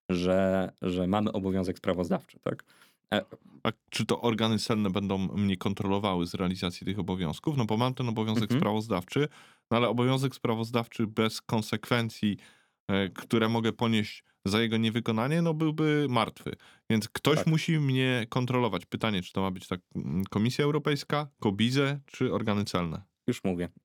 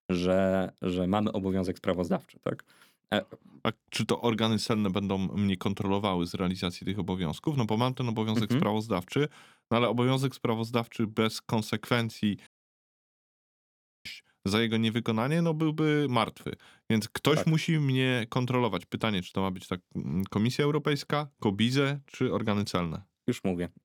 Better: first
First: none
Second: audio cutting out; at 12 s for 1.5 s

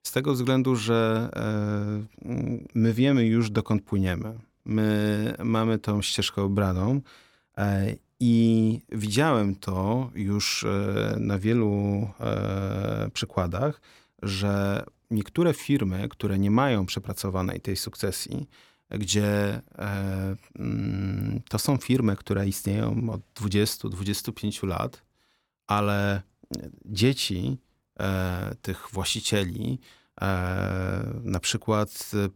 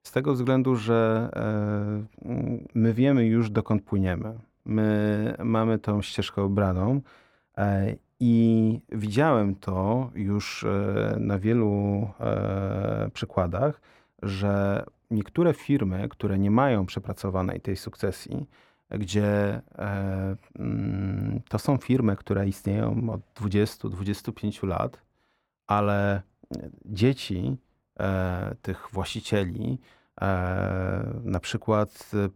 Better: first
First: none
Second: muffled; slightly; fading above 3 kHz

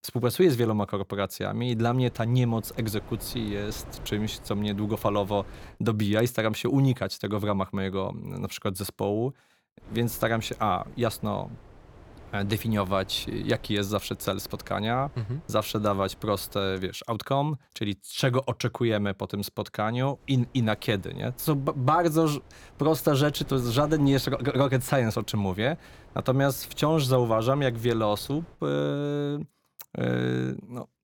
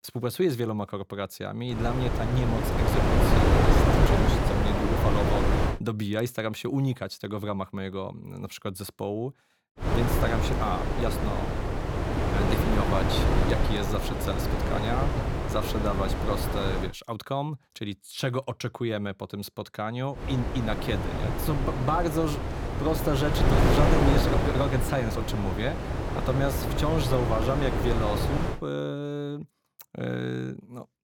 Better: first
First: wind noise on the microphone; occasional gusts; from 1.5 to 5.5 s, from 10 to 17 s and from 20 to 29 s; 25 dB below the speech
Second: wind noise on the microphone; heavy; from 1.5 to 5.5 s, from 10 to 17 s and from 20 to 29 s; 2 dB above the speech

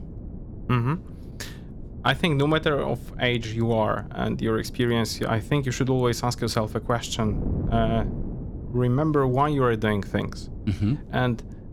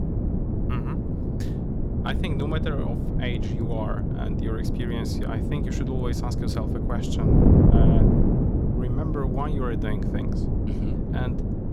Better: first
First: wind noise on the microphone; occasional gusts; 20 dB below the speech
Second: wind noise on the microphone; heavy; 2 dB above the speech

